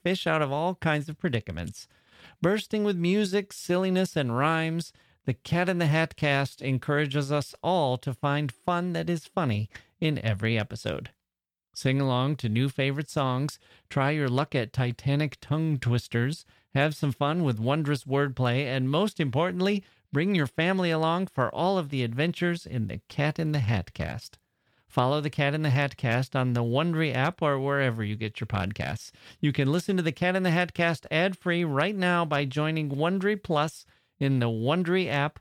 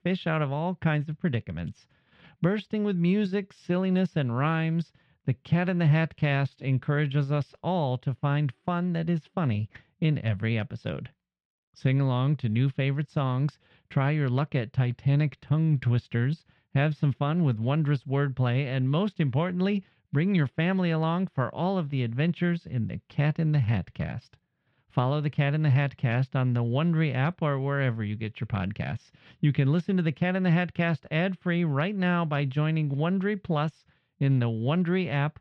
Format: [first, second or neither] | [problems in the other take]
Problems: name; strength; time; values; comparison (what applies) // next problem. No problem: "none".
first | muffled; slightly; fading above 3 kHz